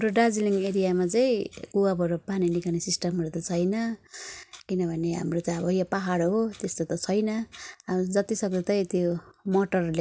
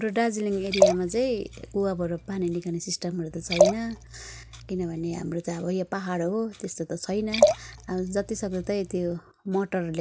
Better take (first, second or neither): first